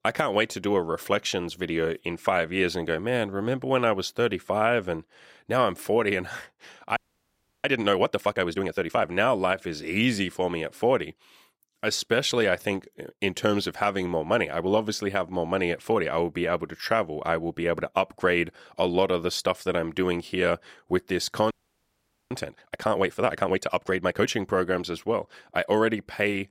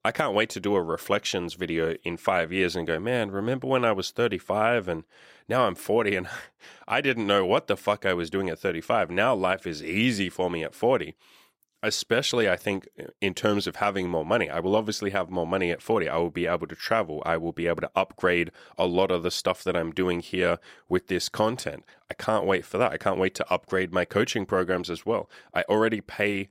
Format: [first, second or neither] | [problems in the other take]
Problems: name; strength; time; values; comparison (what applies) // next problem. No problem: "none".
second | audio freezing; at 7 s for 0.5 s and at 22 s for 1 s